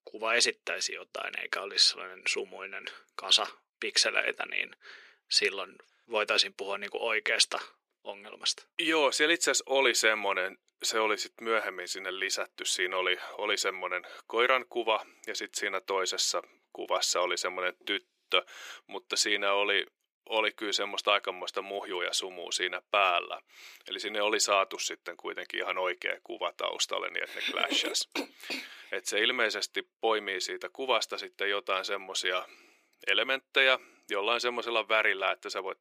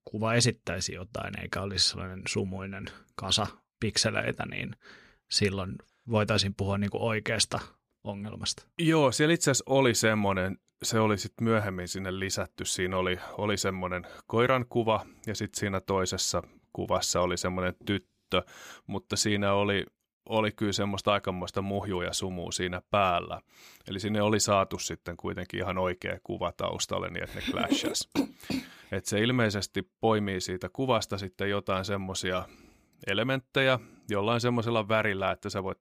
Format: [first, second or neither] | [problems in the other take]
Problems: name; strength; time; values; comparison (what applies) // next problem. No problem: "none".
second | thin; very; fading below 350 Hz